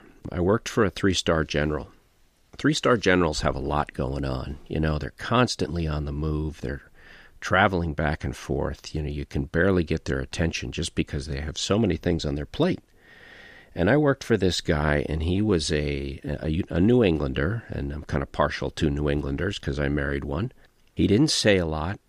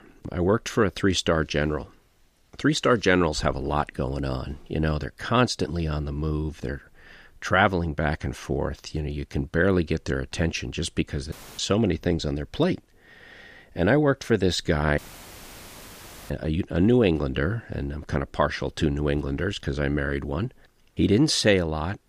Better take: first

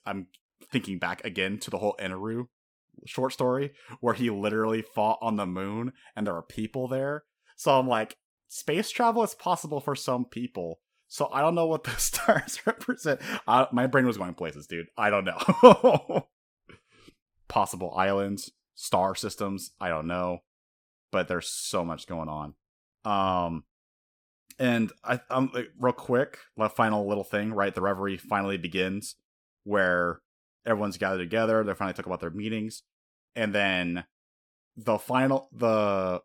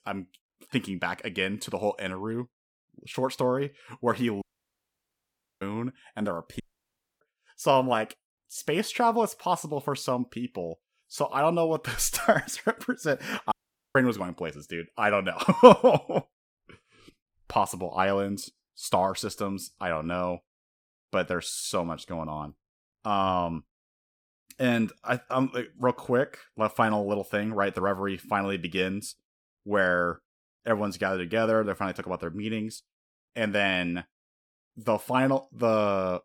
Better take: first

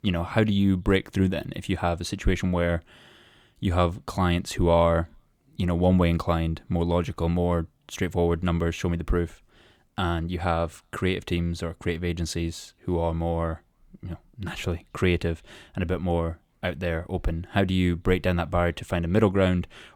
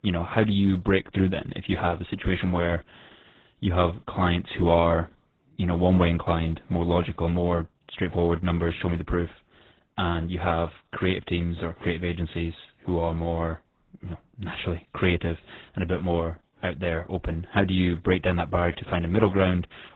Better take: first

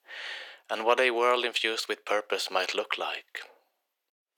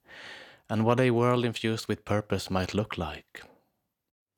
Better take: second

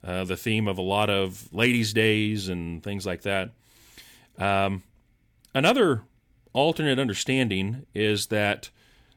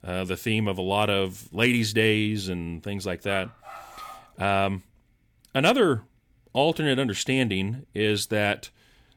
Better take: first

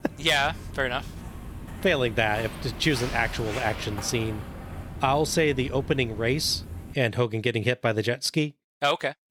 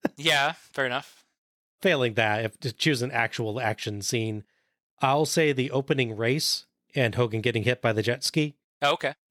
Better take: second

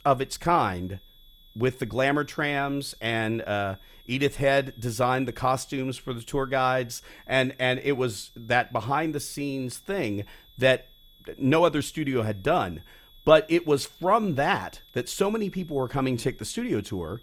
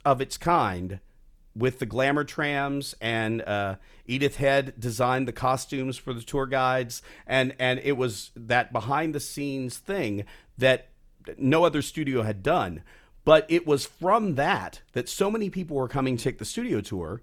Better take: second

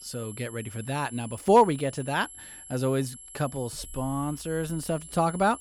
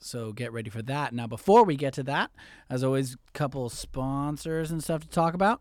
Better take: second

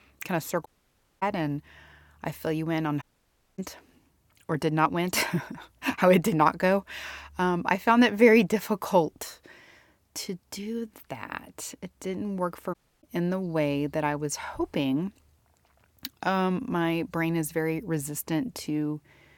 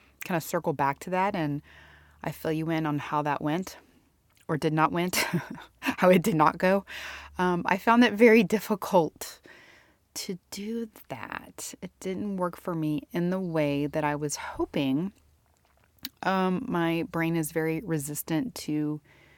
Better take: second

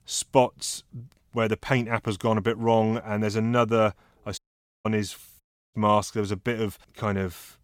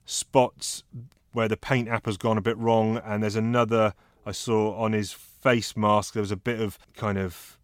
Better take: second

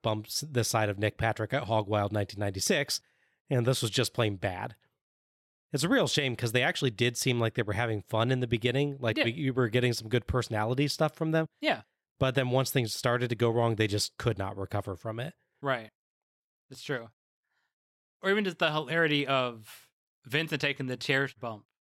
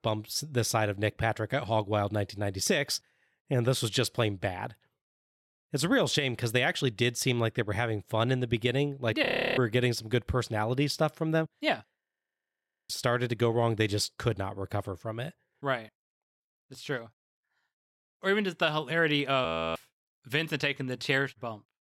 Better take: first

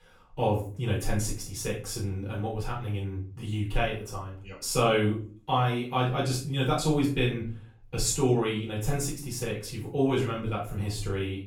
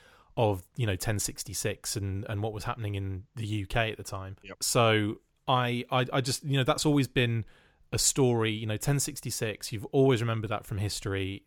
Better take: second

